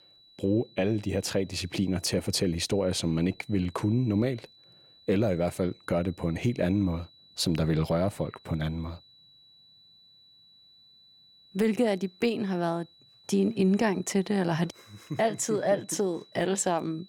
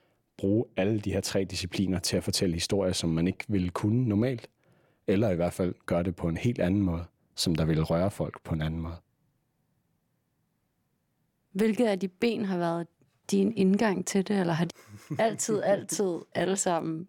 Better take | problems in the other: second | high-pitched whine; faint; throughout; 4 kHz, 25 dB below the speech

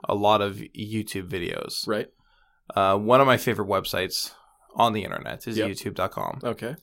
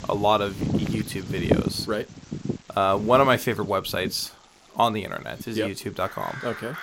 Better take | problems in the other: first | animal sounds; loud; throughout; 6 dB below the speech

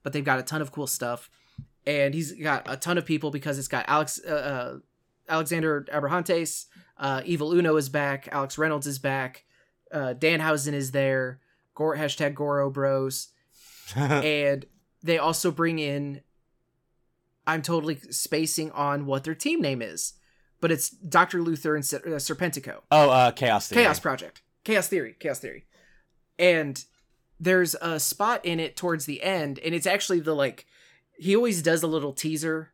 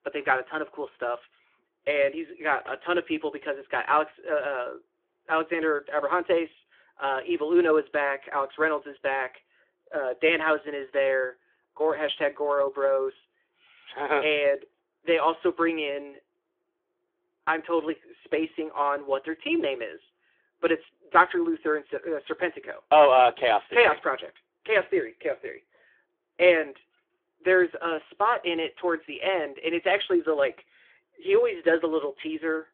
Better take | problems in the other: first | phone-call audio

